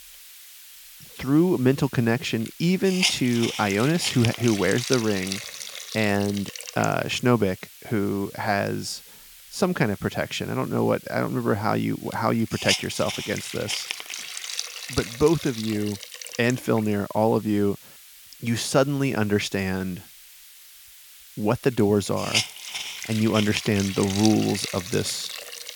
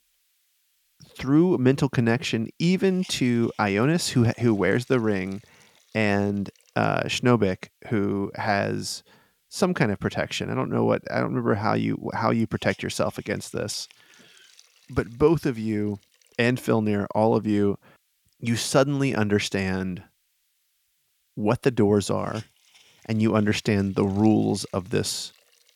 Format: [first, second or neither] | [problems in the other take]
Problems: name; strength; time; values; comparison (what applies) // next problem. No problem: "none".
second | hiss; loud; throughout; 6 dB below the speech; faint in the second